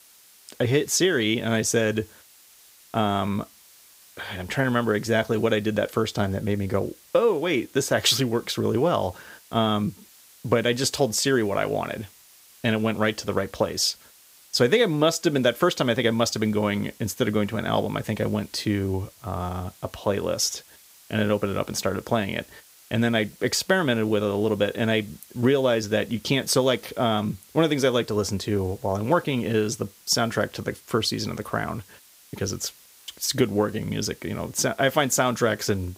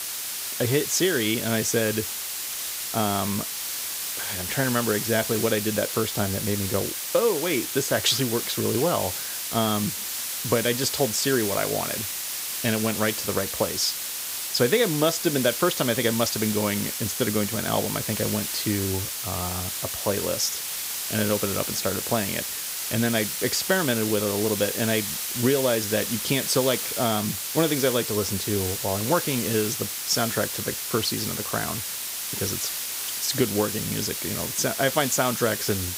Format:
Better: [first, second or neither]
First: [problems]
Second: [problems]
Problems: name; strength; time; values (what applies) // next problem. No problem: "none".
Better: first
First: hiss; faint; throughout; 25 dB below the speech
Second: hiss; loud; throughout; 2 dB below the speech